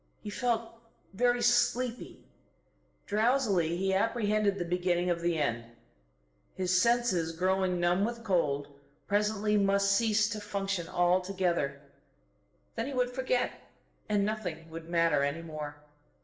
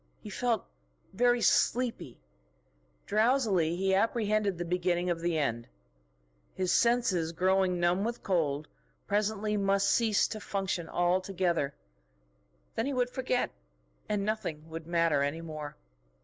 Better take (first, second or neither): second